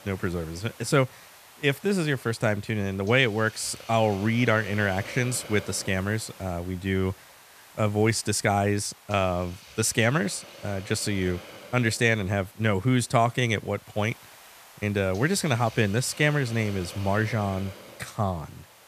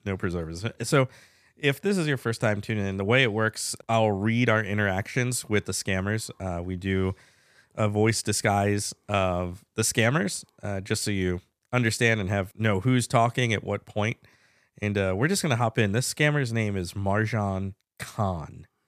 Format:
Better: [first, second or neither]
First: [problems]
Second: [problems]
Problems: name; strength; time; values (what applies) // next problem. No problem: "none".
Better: second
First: hiss; noticeable; throughout; 20 dB below the speech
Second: none